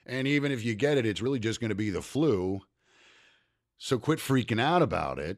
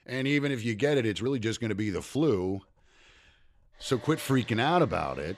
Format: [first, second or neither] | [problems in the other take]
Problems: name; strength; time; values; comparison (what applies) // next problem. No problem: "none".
first | household noises; faint; throughout; 20 dB below the speech